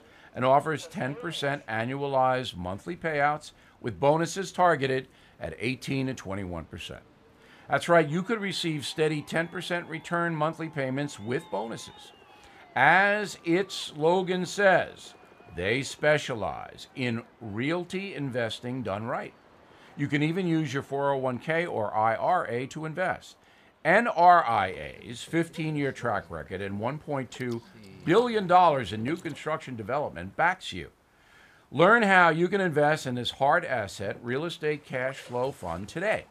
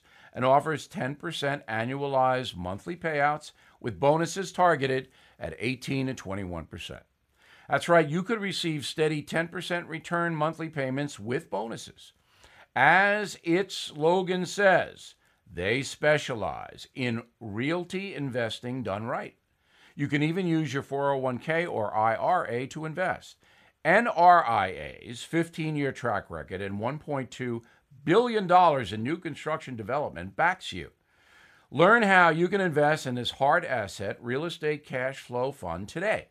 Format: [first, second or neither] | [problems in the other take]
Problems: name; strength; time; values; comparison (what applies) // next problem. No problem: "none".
second | train or aircraft noise; faint; throughout; 25 dB below the speech